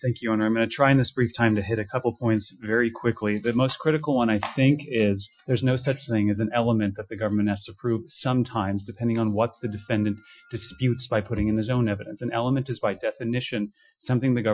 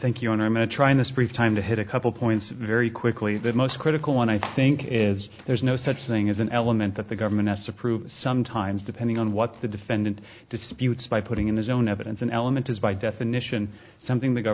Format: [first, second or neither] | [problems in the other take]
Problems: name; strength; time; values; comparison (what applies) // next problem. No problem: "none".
second | noise reduction (classical method Wiener filter)